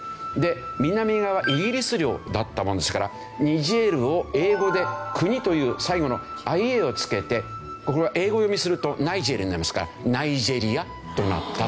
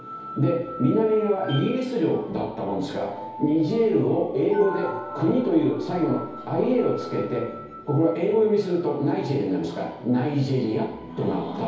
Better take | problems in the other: first | room echo; dies away in 2.2 s

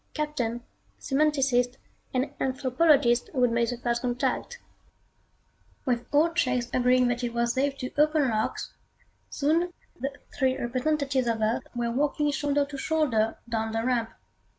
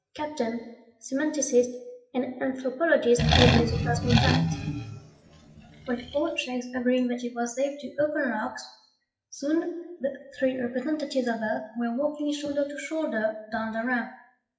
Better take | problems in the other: first | noise reduction (classical method WPE with log-MMSE)

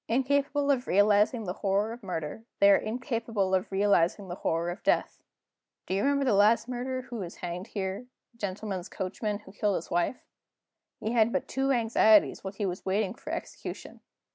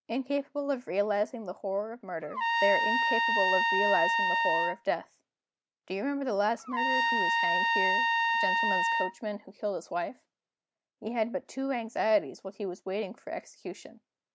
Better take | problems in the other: first | background sound (Trumpet); 5 dB above the speech

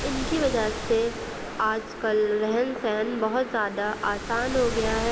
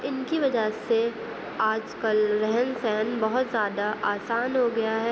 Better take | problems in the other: second | background sound (Waves, surf); 9 dB below the speech

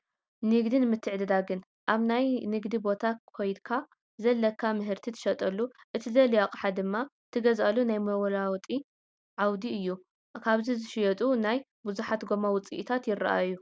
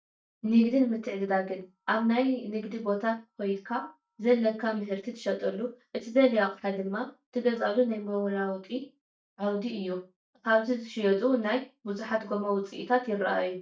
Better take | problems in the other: first | noise reduction (neural mask model DeepFilterNet 3)

